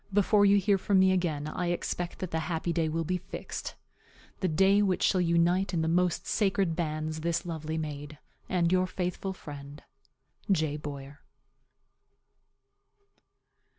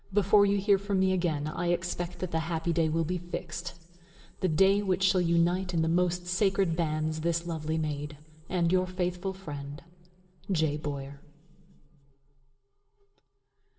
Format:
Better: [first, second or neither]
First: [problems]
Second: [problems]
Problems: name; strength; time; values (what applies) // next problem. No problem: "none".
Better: first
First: none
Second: room echo; dies away in 2.4 s